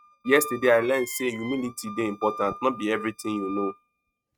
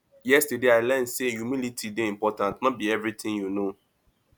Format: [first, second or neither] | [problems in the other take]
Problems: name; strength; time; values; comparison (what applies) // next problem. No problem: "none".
second | noise reduction (neural mask model RNNoise)